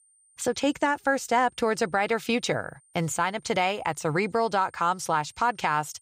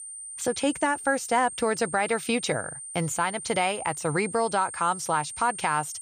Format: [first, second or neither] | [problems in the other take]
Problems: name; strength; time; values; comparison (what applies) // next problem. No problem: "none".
first | high-pitched whine; loud; throughout; 8.5 kHz, 9 dB below the speech; faint in the first